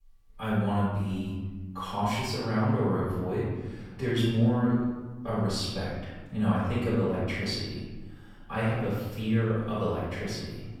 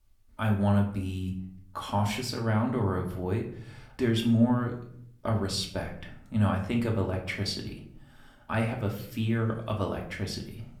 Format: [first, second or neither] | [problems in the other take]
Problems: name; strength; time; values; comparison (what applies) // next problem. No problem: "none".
second | room echo; strong; dies away in 1.2 s; slight in the second // off-mic speech; far; somewhat distant in the second